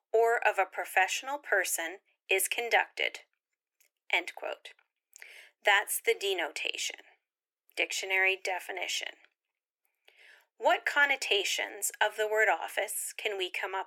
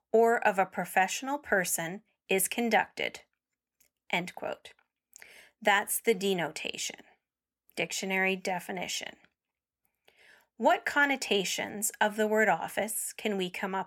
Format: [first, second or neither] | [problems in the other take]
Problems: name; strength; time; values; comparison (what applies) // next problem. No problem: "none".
second | thin; very; fading below 350 Hz